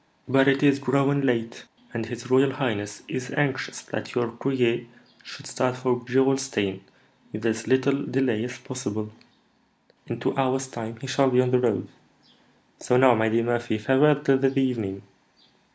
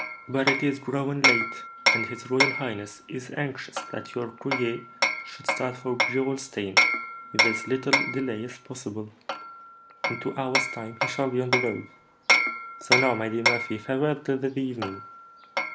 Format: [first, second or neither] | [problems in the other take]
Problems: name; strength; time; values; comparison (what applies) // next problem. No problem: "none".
first | background sound (Hammer); 2 dB above the speech